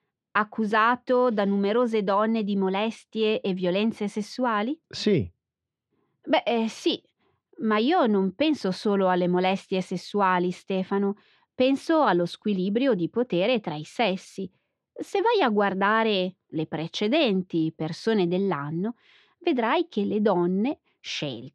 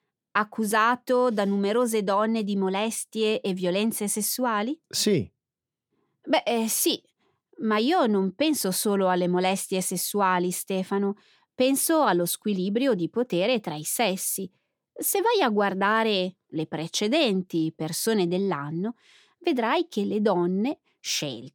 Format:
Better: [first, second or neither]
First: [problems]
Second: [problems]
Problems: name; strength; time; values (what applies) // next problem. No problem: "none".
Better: second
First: muffled; slightly; fading above 4 kHz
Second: none